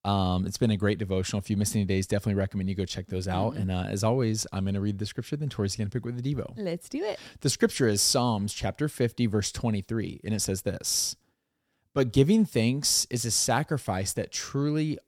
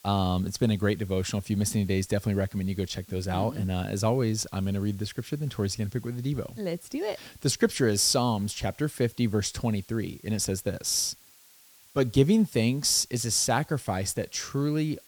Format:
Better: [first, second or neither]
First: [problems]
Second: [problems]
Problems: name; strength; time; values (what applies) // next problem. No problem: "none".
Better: first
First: none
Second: hiss; faint; throughout; 25 dB below the speech